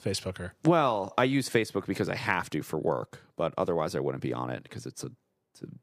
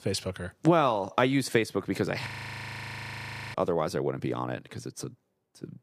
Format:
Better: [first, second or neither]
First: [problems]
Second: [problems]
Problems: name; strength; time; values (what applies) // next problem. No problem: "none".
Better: first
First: none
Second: audio freezing; at 2.5 s for 1.5 s